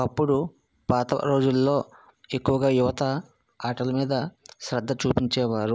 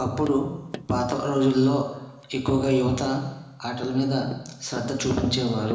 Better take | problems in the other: first | background sound (Tap); 17 dB below the speech // room echo; dies away in 1 s

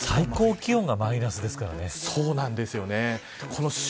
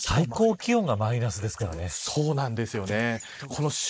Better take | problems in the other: first | noise reduction (neural mask model Resemble Enhance denoiser)

